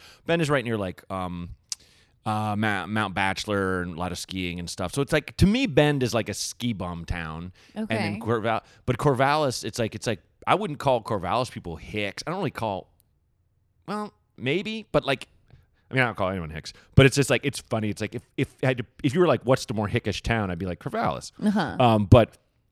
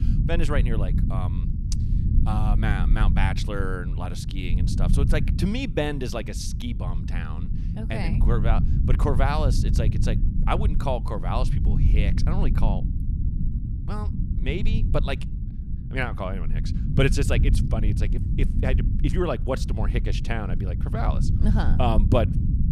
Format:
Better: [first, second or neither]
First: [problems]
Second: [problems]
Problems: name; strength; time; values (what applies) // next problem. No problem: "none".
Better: first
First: none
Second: low rumble; loud; throughout; 8 dB below the speech